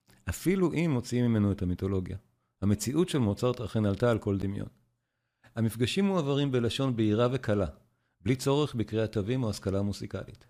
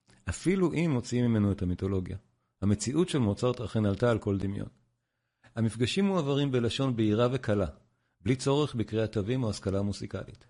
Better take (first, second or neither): first